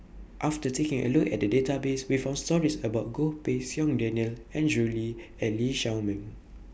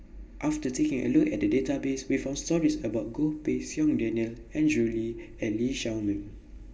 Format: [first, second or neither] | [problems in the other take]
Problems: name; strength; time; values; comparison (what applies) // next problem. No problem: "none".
first | room echo; dies away in 2 s